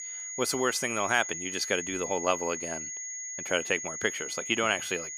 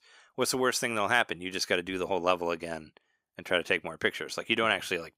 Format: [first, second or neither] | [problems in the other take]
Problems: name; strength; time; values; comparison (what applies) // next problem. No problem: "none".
second | high-pitched whine; loud; throughout; 6.5 kHz, 5 dB below the speech